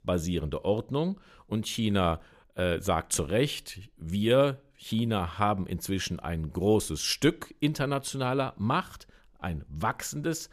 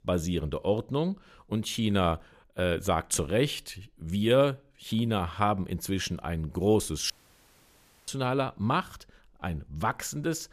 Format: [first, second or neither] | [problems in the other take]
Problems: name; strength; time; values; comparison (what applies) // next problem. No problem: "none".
first | audio cutting out; at 7 s for 1 s